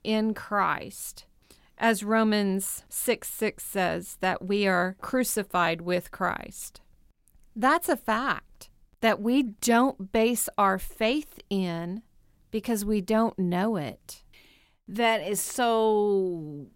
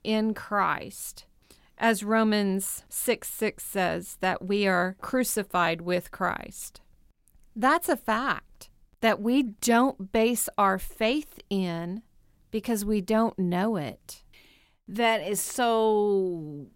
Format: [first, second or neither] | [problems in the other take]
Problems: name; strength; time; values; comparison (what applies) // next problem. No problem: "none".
neither | none